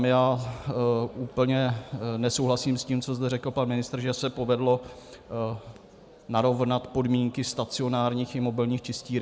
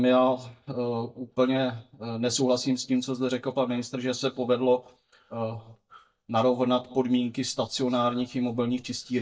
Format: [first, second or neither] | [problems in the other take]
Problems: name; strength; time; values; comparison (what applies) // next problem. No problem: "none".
first | noise reduction (neural mask model DeepFilterNet 3)